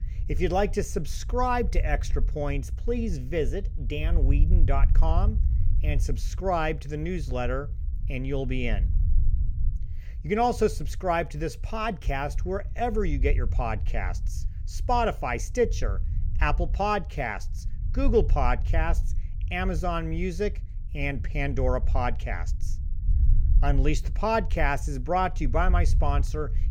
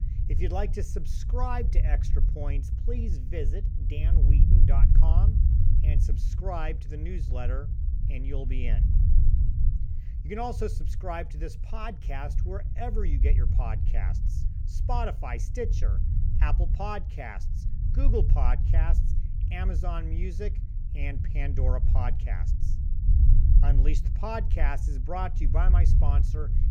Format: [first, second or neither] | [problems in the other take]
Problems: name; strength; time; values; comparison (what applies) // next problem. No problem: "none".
first | low rumble; loud; throughout; 8 dB below the speech; faint in the first